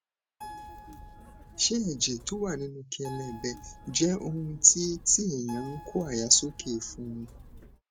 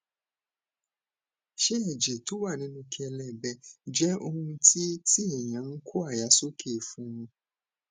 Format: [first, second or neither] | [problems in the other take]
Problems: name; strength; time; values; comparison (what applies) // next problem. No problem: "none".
second | background sound (Keyboard (musical)); 16 dB below the speech